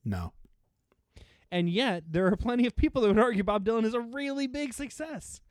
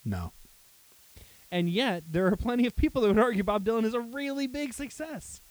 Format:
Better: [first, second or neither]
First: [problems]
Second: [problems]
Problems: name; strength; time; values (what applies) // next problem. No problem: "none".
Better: first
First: none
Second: hiss; faint; throughout; 25 dB below the speech